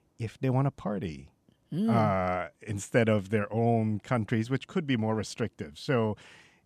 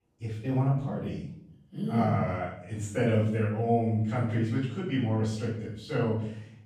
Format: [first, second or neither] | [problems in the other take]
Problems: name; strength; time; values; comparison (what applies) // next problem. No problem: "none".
first | off-mic speech; far // room echo; noticeable; dies away in 0.6 s